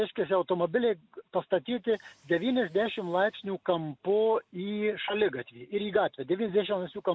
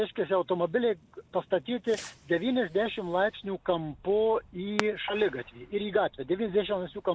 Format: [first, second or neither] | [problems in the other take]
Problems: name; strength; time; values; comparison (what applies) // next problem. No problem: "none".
first | background sound (Fireworks); 17 dB below the speech